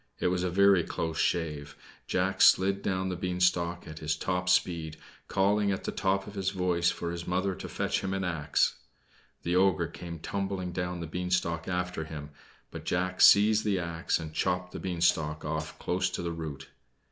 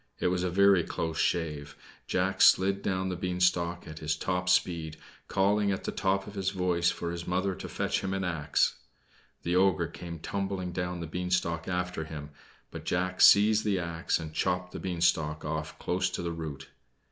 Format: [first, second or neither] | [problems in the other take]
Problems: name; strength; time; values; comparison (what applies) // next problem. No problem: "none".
second | background sound (Hi-hat); 20 dB below the speech